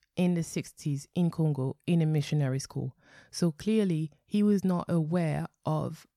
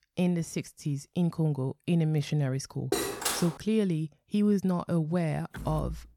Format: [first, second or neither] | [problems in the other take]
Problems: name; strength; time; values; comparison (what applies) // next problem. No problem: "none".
first | clattering dishes; loud; at 3 s; peak level with the speech // door banging; noticeable; at 5.5 s; peak 10 dB below the speech